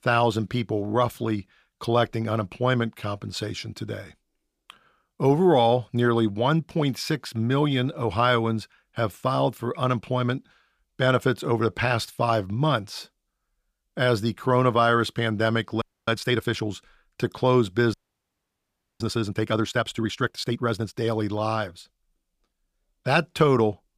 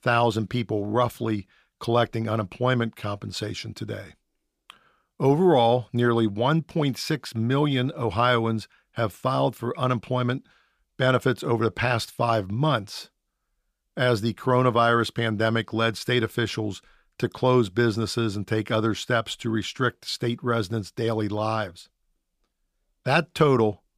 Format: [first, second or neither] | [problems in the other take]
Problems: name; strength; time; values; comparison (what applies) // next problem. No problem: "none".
second | audio freezing; at 16 s and at 18 s for 1 s